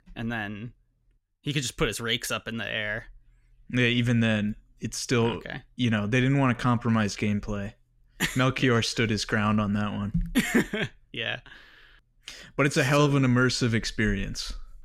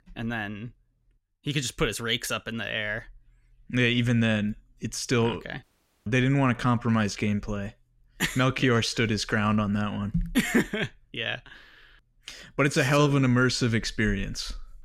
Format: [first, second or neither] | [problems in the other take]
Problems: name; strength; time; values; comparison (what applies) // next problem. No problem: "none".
first | audio cutting out; at 5.5 s